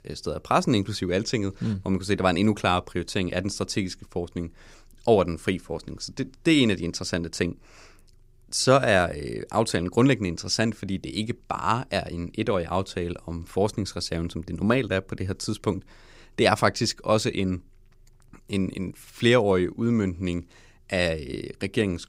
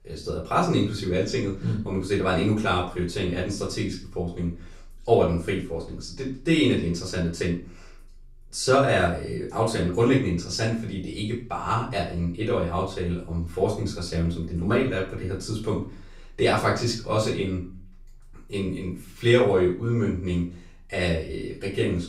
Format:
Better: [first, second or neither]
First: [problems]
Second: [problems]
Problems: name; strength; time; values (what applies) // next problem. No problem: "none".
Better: first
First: none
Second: off-mic speech; far // room echo; slight; dies away in 0.4 s